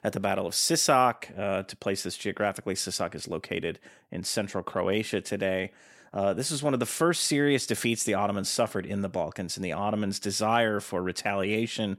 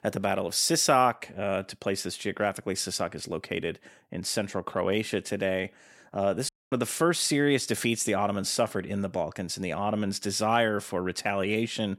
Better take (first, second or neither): first